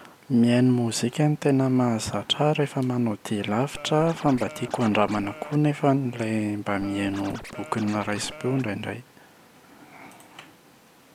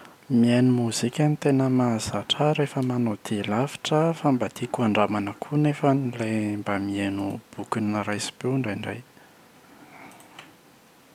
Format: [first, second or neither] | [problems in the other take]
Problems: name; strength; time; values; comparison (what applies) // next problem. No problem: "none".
second | background sound (Scratching (performance technique)); 15 dB below the speech